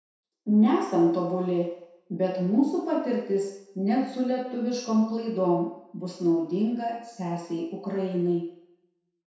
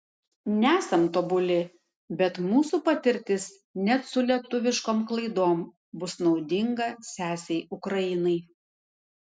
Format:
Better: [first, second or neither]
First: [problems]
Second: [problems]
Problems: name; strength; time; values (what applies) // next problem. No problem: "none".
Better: second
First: room echo; dies away in 0.7 s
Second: none